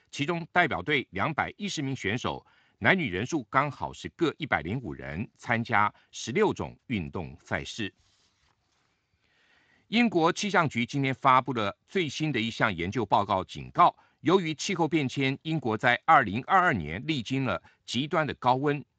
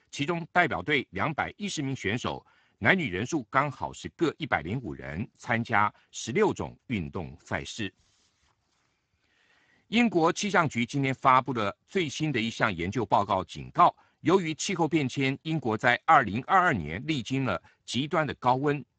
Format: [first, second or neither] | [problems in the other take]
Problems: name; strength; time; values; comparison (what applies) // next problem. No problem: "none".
first | garbled, watery; badly; nothing above 7.5 kHz; slightly in the first